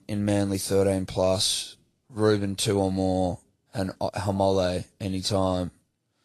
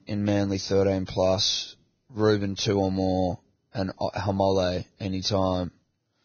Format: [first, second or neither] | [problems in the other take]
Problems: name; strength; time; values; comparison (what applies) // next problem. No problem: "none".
first | garbled, watery; badly; nothing above 6.5 kHz; slightly in the first